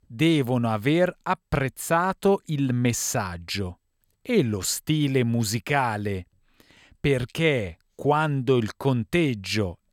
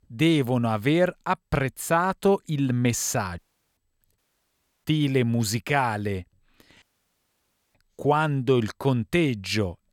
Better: first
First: none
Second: audio cutting out; at 3.5 s, at 4 s for 0.5 s and at 7 s for 1 s

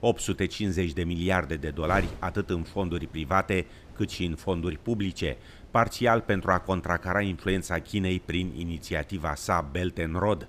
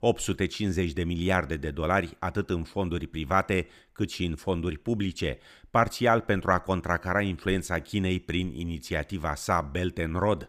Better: second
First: wind noise on the microphone; occasional gusts; 25 dB below the speech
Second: none

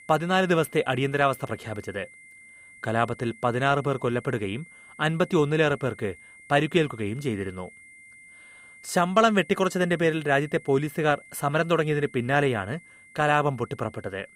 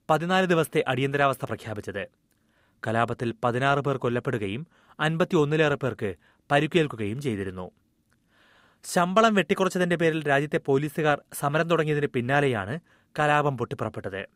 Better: second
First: high-pitched whine; faint; throughout; 2 kHz, 25 dB below the speech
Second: none

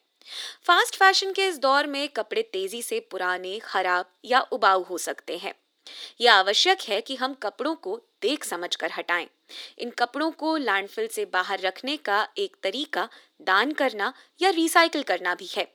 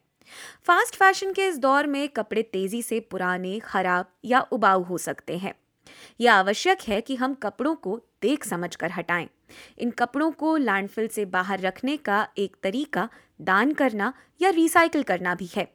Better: second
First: thin; somewhat; fading below 300 Hz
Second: none

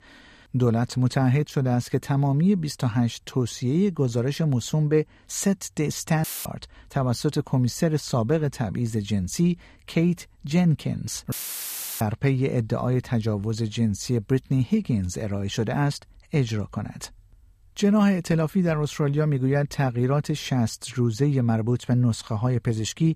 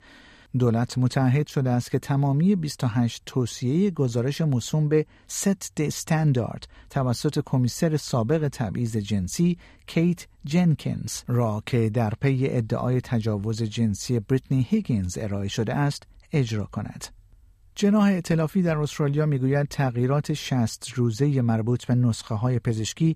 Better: second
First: audio cutting out; filled with static; at 6 s and at 11 s for 0.5 s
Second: none

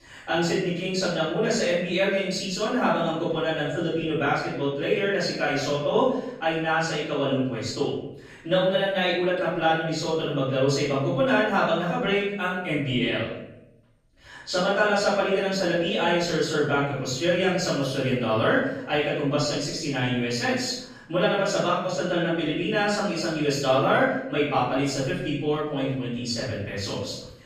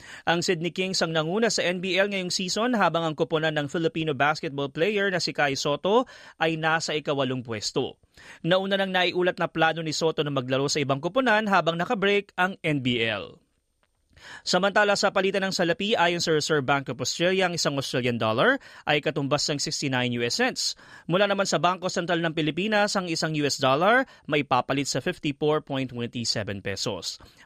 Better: second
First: off-mic speech; far // room echo; noticeable; dies away in 0.8 s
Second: none

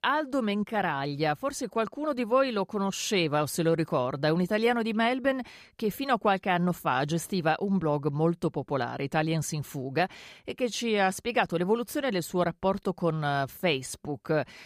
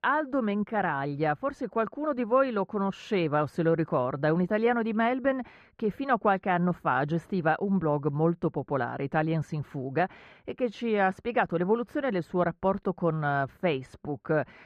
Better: first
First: none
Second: muffled; very; fading above 3.5 kHz

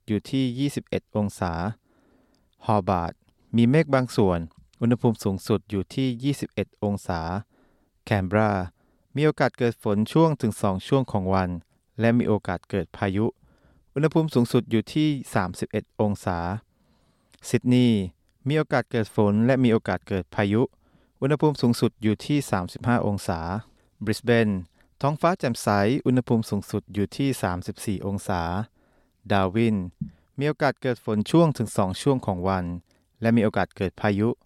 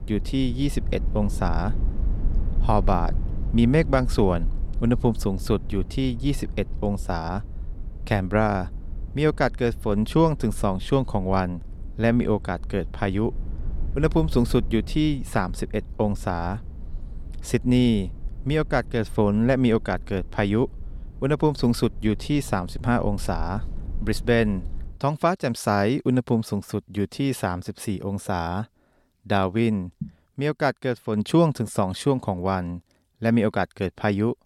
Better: first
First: none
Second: low rumble; faint; until 25 s; 25 dB below the speech

